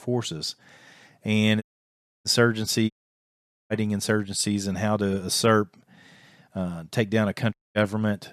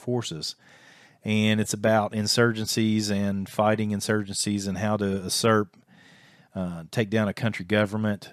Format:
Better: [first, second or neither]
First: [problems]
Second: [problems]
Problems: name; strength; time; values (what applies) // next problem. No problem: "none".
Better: second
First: audio cutting out; at 1.5 s for 0.5 s, at 3 s for 1 s and at 7.5 s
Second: none